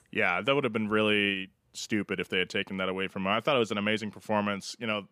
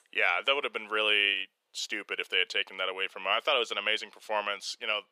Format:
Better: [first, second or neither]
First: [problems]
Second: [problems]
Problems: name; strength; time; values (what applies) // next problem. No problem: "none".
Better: first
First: none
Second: thin; very; fading below 500 Hz